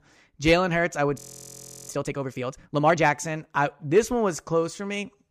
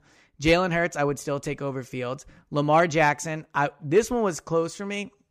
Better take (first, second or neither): second